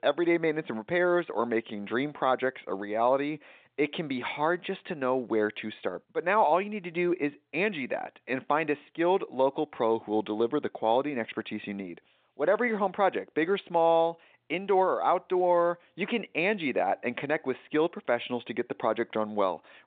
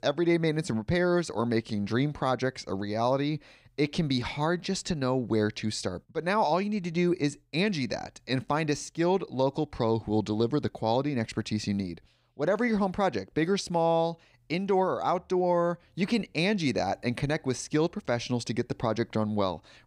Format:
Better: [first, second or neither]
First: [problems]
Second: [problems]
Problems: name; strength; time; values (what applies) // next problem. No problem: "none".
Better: second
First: phone-call audio; nothing above 4 kHz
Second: none